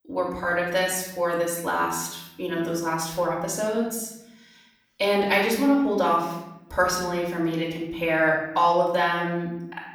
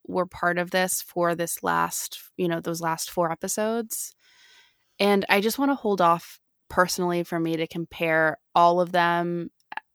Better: second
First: off-mic speech; far // room echo; noticeable; dies away in 0.8 s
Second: none

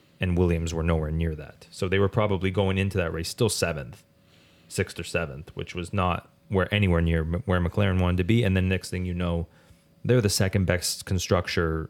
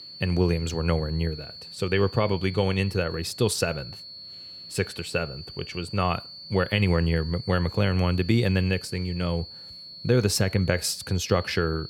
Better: first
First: none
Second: high-pitched whine; noticeable; throughout; 4.5 kHz, 15 dB below the speech

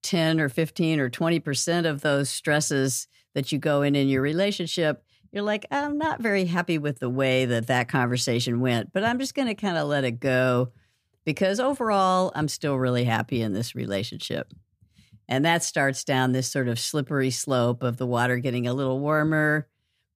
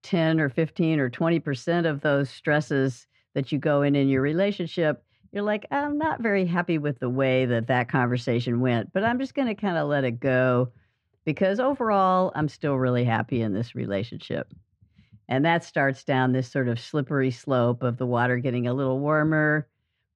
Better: first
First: none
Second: muffled; very; fading above 2.5 kHz

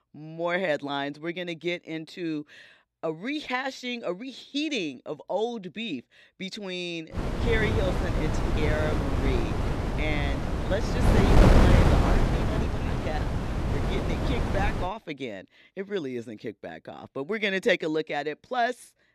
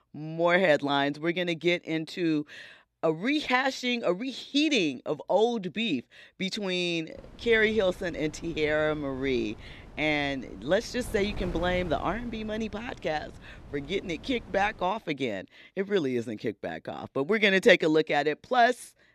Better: second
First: wind noise on the microphone; heavy; from 7 to 15 s; 1 dB above the speech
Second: wind noise on the microphone; occasional gusts; from 7 to 15 s; 25 dB below the speech

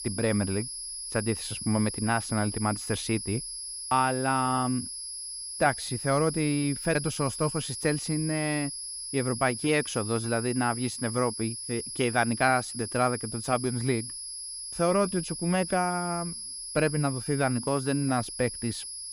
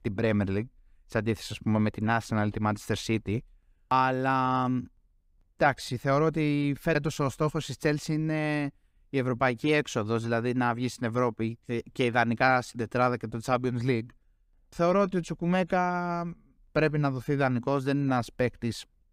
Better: second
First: high-pitched whine; loud; throughout; 10.5 kHz, 6 dB below the speech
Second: none

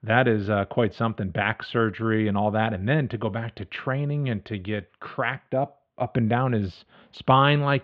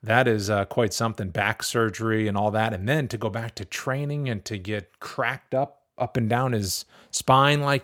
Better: second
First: muffled; very; fading above 3.5 kHz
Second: none

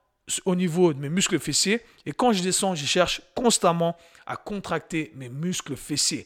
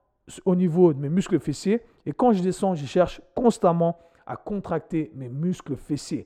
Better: first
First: none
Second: muffled; very; fading above 1.5 kHz

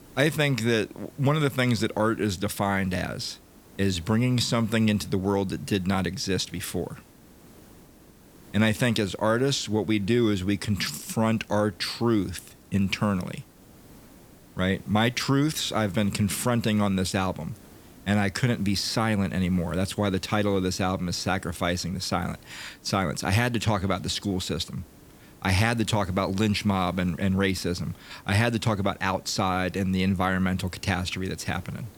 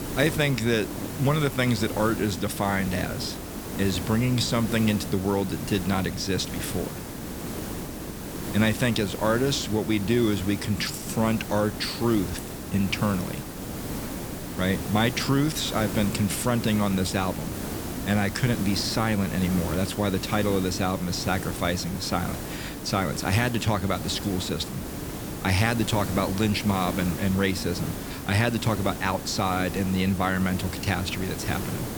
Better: first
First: hiss; faint; throughout; 25 dB below the speech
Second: hiss; loud; throughout; 8 dB below the speech

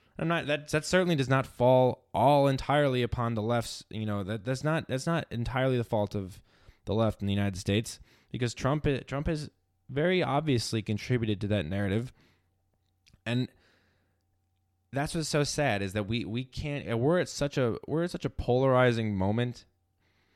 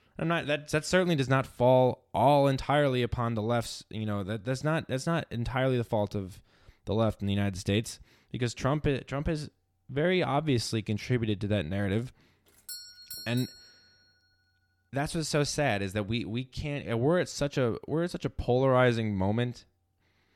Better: first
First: none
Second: doorbell; faint; from 13 to 14 s; peak 10 dB below the speech

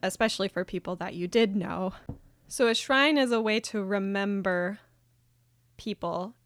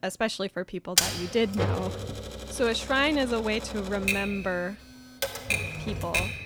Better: first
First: none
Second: keyboard typing; loud; from 1 s on; peak 6 dB above the speech

